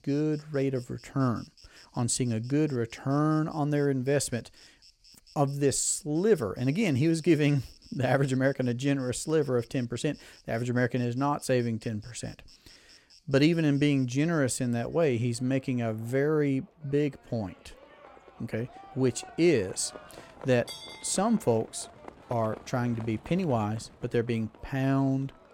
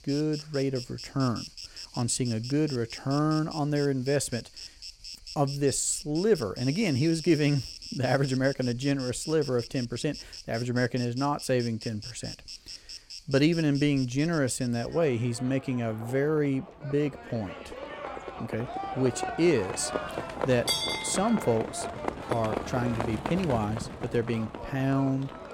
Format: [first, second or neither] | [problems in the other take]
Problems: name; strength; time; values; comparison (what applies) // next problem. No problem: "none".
first | animal sounds; loud; throughout; 9 dB below the speech; faint in the first